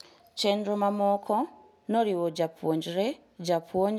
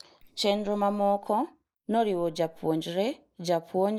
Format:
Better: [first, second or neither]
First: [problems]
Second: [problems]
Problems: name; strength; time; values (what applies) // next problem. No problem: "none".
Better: first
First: none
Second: noise reduction (neural mask model Resemble Enhance denoiser)